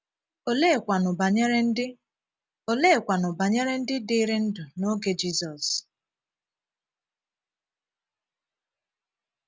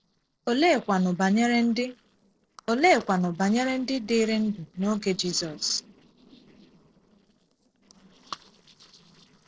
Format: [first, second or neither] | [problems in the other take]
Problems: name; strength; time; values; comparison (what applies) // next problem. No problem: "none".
first | noise reduction (neural separator model SepFormer DNS4)